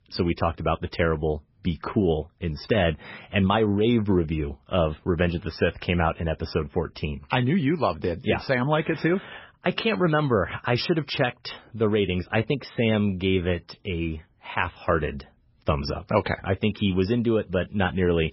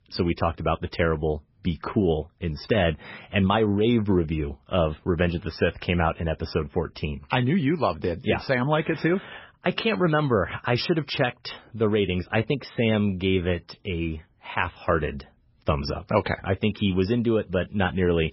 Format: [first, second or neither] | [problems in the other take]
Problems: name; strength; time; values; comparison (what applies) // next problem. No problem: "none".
neither | garbled, watery; badly; nothing above 5.5 kHz; the same in both